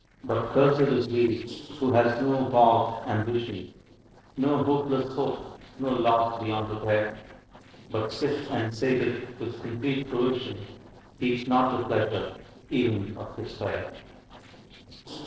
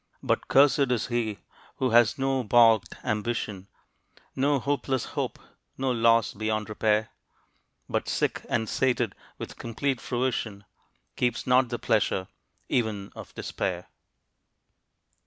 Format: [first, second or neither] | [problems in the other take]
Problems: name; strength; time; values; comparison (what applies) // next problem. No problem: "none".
second | noise reduction (neural separator model SepFormer DNS4)